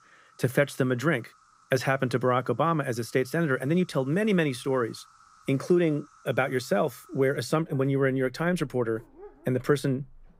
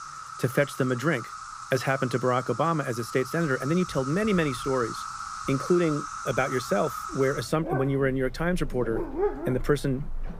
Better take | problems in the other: first | animal sounds; loud; throughout; 9 dB below the speech; faint in the first

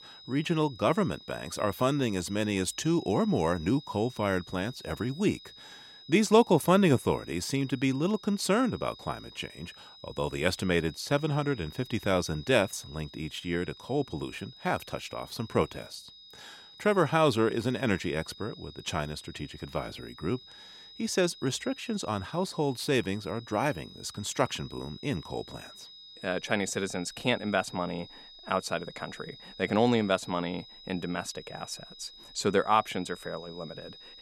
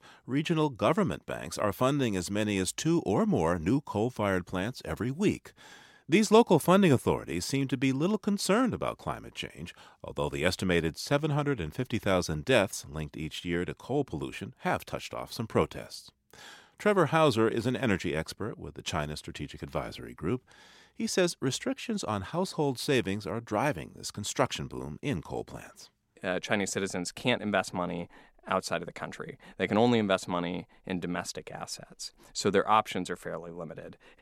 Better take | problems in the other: second | high-pitched whine; noticeable; throughout; 4 kHz, 20 dB below the speech

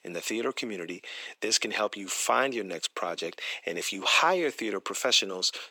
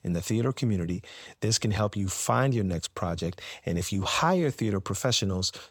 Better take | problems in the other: second | thin; very; fading below 300 Hz

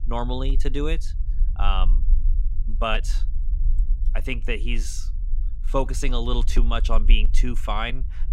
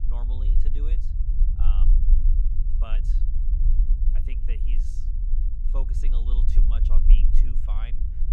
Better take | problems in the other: first | low rumble; loud; throughout; 2 dB below the speech; faint in the first

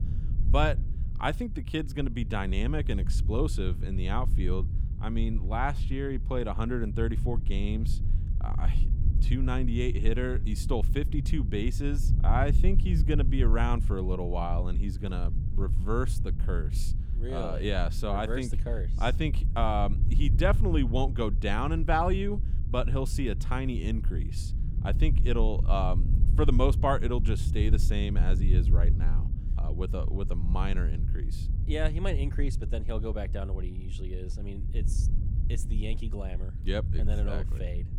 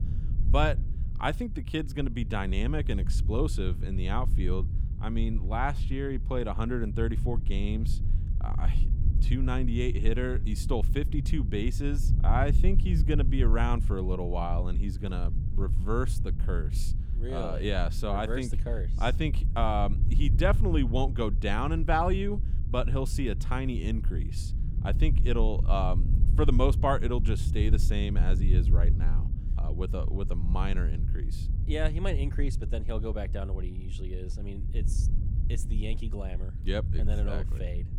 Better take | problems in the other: neither | low rumble; noticeable; throughout; 15 dB below the speech; the same in both

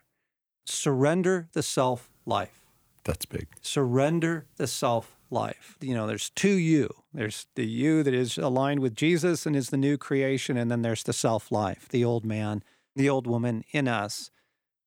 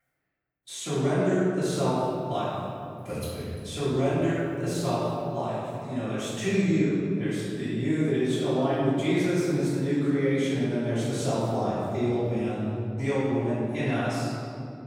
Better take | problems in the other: first | off-mic speech; far // room echo; strong; dies away in 2.9 s

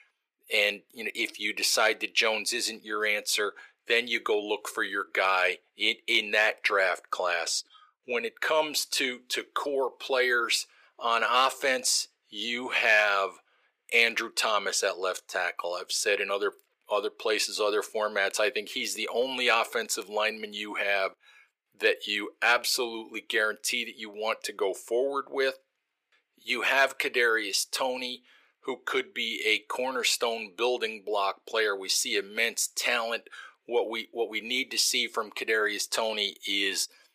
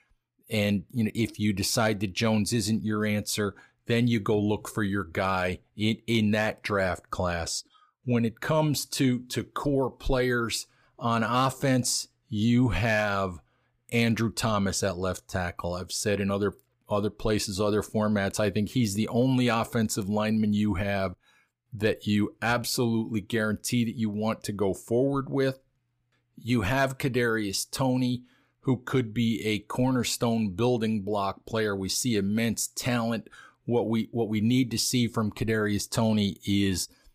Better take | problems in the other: second | thin; very; fading below 400 Hz

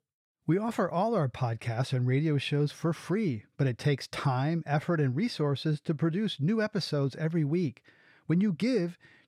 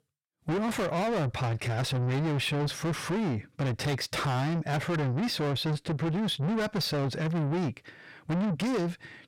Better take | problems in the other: first | distortion; heavy; 7 dB below the speech

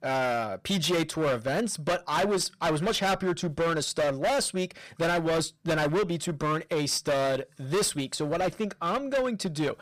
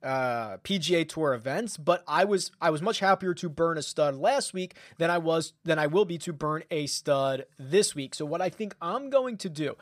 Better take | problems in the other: second | distortion; heavy; 19% of the sound clipped

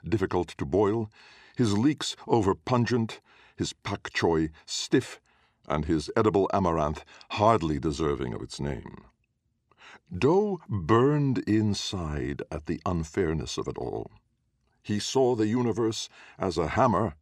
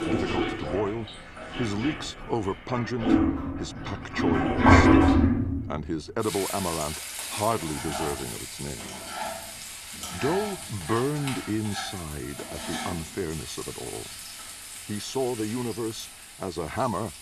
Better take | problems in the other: first | household noises; very loud; throughout; 3 dB above the speech

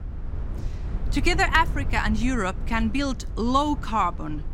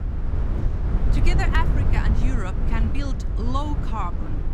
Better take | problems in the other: first | low rumble; loud; throughout; 6 dB below the speech; faint in the first

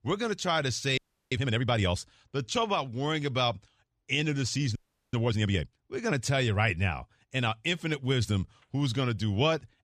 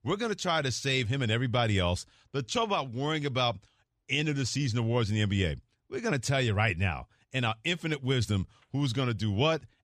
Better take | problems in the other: second | audio freezing; at 1 s and at 5 s

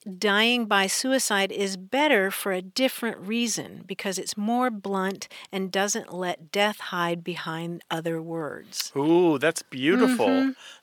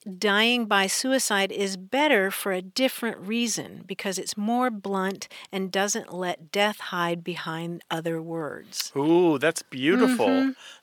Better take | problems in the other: neither | thin; very slightly; fading below 550 Hz; the same in both

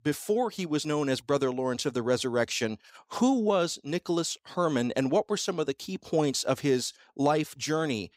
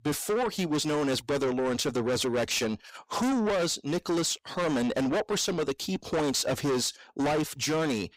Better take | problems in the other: first | distortion; heavy; 6 dB below the speech

